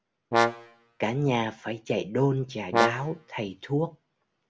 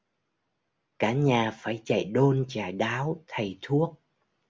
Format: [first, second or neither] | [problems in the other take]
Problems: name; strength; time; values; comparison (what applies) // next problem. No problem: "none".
second | background sound (Brass instrument); 1 dB above the speech